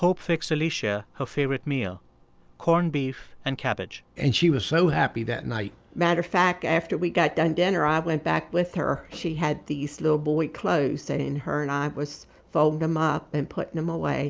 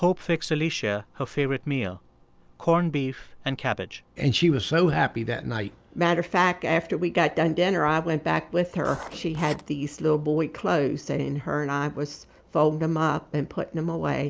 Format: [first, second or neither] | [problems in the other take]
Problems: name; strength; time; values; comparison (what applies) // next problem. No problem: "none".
first | background sound (Writing); 16 dB below the speech